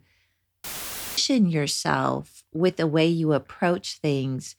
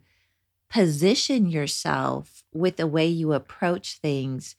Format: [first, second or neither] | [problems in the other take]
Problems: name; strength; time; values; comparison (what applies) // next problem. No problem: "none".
second | audio cutting out; filled with static; at 0.5 s for 0.5 s